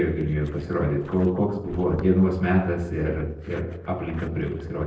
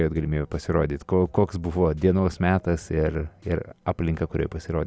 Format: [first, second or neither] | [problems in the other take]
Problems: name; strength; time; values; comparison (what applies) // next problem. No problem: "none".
second | noise reduction (neural separator model SepFormer DNS4)